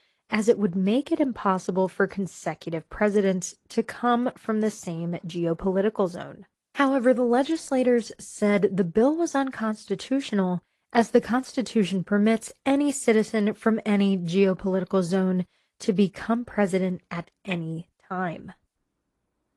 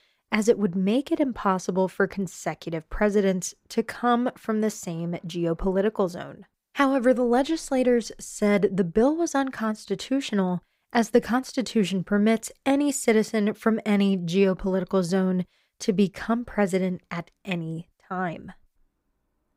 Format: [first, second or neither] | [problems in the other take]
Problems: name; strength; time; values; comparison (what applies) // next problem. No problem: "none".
second | garbled, watery; slightly; nothing above 11.5 kHz